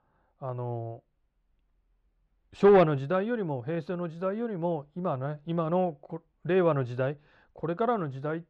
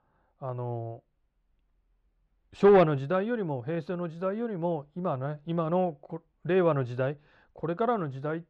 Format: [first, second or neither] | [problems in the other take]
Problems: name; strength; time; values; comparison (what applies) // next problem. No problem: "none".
neither | muffled; slightly; fading above 2.5 kHz; the same in both